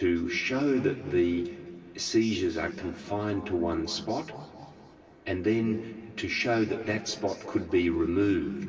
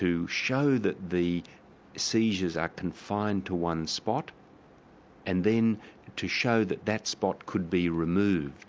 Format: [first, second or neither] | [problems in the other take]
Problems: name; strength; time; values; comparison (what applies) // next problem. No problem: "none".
second | room echo; dies away in 2.4 s